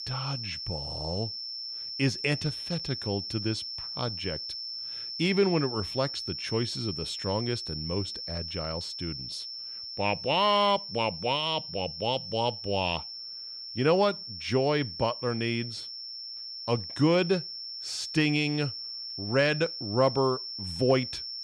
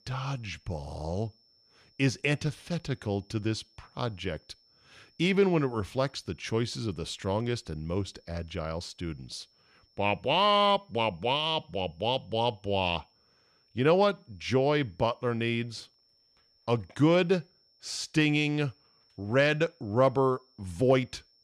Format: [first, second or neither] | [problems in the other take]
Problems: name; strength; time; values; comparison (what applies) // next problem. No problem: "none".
second | high-pitched whine; loud; throughout; 5.5 kHz, 6 dB below the speech; faint in the second